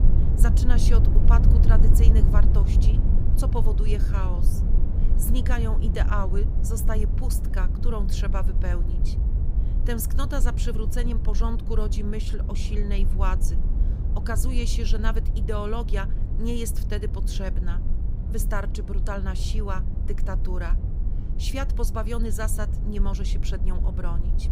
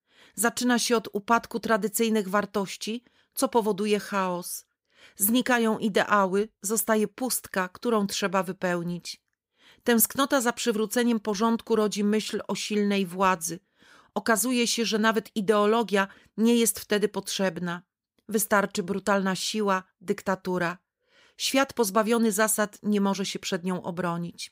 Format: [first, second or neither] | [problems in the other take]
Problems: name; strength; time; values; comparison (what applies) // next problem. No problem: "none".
second | low rumble; loud; throughout; 6 dB below the speech